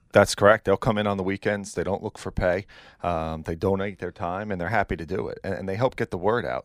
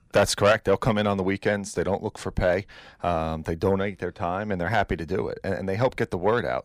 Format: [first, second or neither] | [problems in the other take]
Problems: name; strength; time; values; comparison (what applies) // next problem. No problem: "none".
first | distortion; slight; 10 dB below the speech